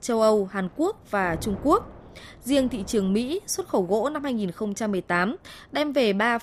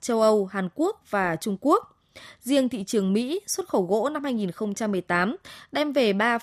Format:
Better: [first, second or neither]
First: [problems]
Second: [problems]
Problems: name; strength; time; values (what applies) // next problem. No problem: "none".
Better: second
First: wind noise on the microphone; occasional gusts; 25 dB below the speech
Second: none